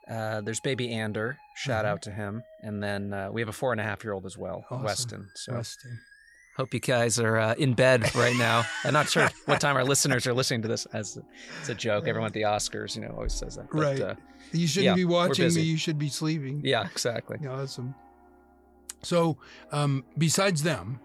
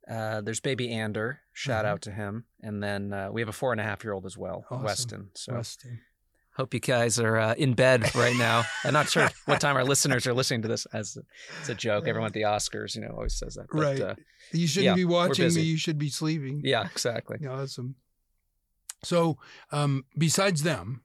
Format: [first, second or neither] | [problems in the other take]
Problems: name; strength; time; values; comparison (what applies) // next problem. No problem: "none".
second | background music; faint; throughout; 30 dB below the speech